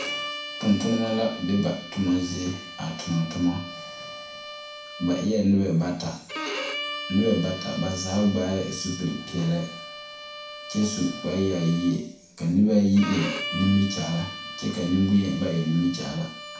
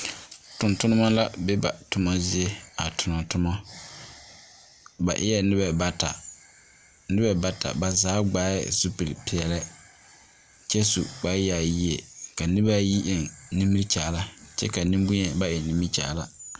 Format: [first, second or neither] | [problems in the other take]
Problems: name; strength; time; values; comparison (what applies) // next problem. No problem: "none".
second | background sound (Bowed string instrument); 11 dB below the speech // room echo; dies away in 0.6 s